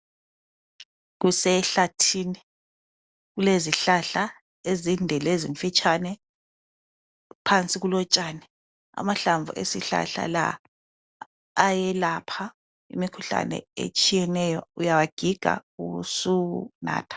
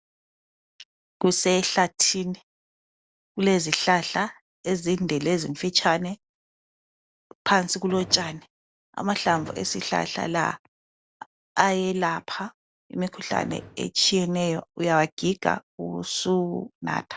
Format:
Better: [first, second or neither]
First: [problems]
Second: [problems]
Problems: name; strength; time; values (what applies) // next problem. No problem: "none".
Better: first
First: none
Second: background sound (Gunshot, gunfire); 14 dB below the speech